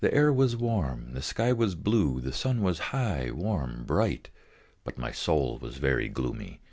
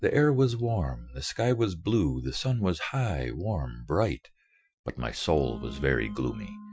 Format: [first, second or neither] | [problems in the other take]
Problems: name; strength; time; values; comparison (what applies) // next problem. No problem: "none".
first | noise reduction (classical method Wiener filter)